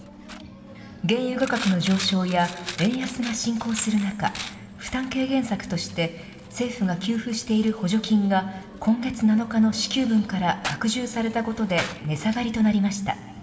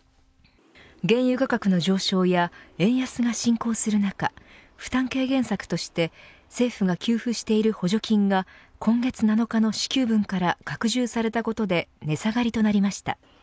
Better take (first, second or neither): second